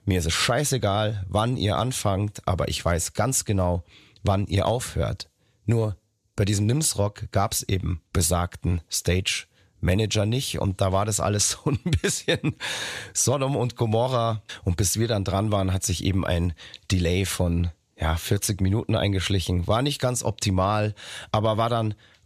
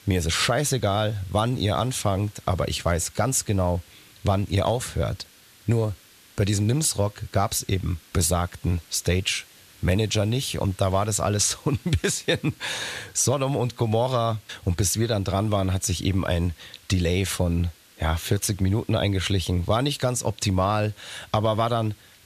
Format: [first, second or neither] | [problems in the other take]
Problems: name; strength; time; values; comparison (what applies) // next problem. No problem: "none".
first | hiss; faint; throughout; 25 dB below the speech